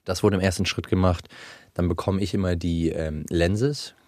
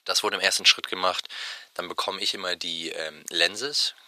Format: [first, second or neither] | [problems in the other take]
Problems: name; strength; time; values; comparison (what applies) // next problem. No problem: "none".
first | thin; very; fading below 950 Hz